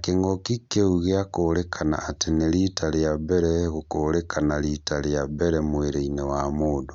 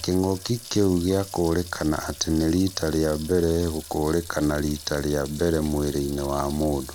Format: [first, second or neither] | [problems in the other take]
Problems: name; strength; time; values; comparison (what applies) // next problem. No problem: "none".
first | background sound (Sink (filling or washing) / Water tap, faucet); 17 dB below the speech